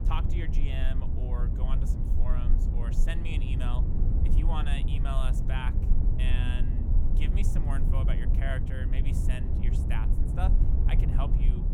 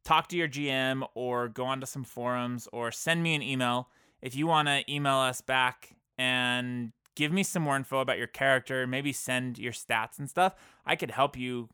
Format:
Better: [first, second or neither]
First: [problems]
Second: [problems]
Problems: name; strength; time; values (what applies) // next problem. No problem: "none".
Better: second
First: low rumble; loud; throughout; 3 dB below the speech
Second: none